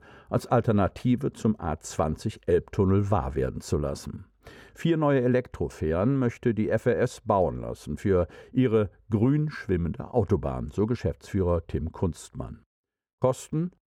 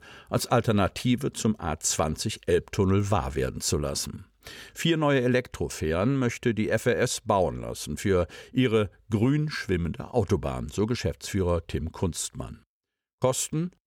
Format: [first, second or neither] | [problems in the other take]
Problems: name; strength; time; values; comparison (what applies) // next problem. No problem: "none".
second | muffled; slightly; fading above 2 kHz